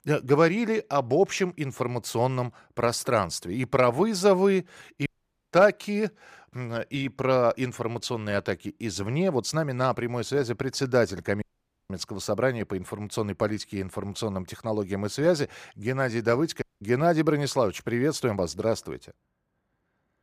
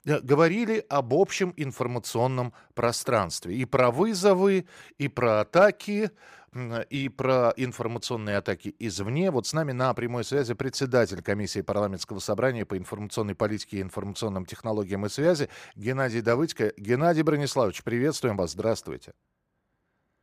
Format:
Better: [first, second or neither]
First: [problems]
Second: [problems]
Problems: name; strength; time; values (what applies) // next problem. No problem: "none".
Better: second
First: audio cutting out; at 5 s, at 11 s and at 17 s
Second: none